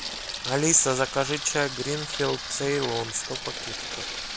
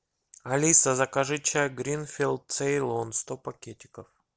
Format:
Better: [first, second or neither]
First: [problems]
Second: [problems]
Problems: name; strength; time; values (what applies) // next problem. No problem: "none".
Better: second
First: background sound (Sink (filling or washing) / Water tap, faucet); 7 dB below the speech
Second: none